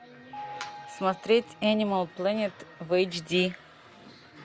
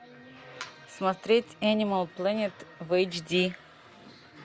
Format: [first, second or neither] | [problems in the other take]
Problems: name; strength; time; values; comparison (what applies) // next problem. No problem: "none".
second | background sound (Piano); 19 dB below the speech